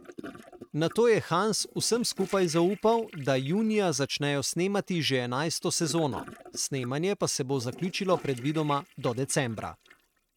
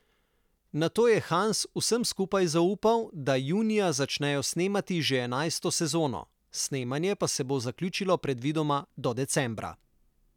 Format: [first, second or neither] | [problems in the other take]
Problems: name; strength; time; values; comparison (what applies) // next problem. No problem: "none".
second | noise reduction (neural mask model RNNoise)